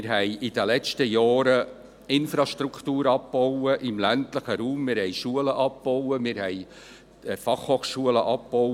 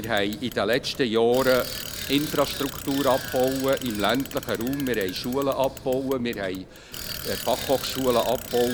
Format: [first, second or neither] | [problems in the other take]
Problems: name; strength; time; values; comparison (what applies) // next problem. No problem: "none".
first | background sound (Bicycle); 11 dB below the speech